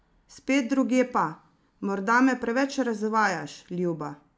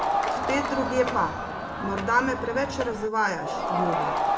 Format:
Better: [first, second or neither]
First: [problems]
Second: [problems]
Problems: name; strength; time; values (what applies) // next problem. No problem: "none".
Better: first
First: none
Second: background sound (Crowd); as loud as the speech // room echo; dies away in 0.6 s